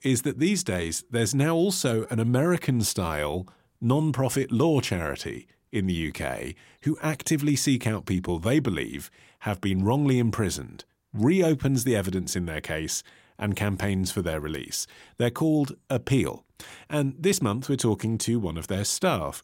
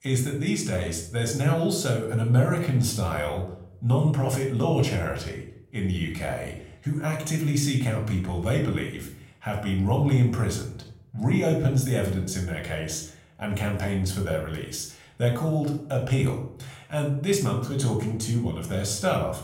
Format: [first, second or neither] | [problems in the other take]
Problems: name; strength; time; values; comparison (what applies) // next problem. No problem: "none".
first | room echo; slight; dies away in 0.5 s // off-mic speech; somewhat distant